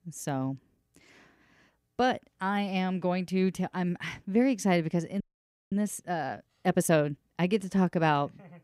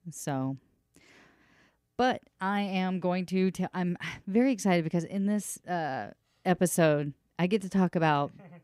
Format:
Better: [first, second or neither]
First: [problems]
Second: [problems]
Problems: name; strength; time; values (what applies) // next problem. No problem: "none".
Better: second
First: audio freezing; at 5 s for 0.5 s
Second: none